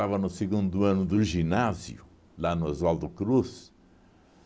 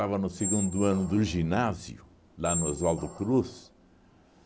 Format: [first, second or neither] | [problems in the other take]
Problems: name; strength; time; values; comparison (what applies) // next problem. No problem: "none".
first | background sound (Squeak); 9 dB below the speech